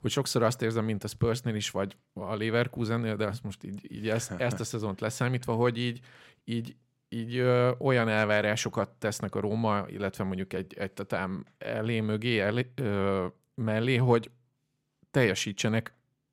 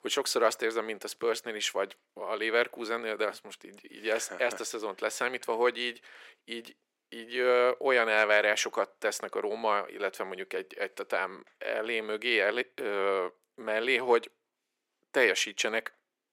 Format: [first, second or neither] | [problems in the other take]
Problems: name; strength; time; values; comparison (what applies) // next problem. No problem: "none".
first | thin; very; fading below 350 Hz